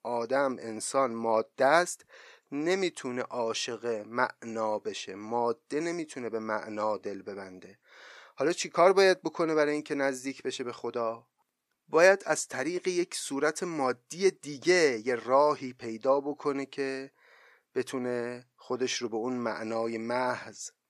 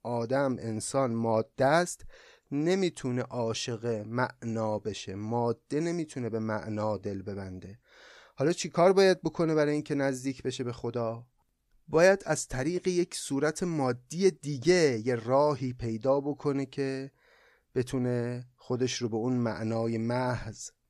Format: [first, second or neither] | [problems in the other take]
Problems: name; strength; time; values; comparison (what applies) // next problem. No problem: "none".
second | thin; somewhat; fading below 300 Hz